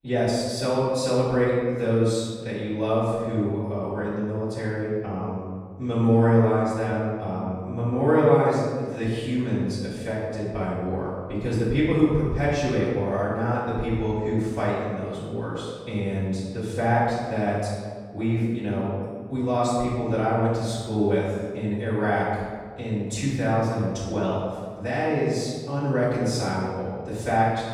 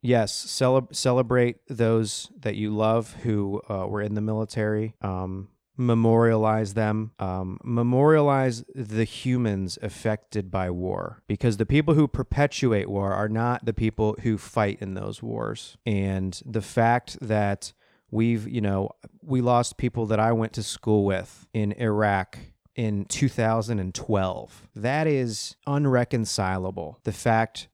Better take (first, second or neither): second